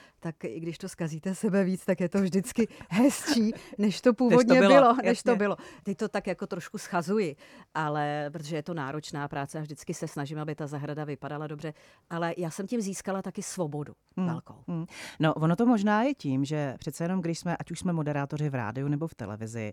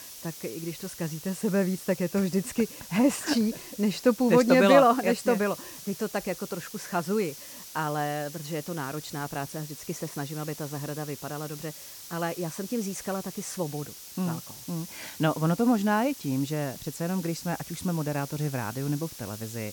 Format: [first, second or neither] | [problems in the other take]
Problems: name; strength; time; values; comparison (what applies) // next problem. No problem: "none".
first | hiss; noticeable; throughout; 15 dB below the speech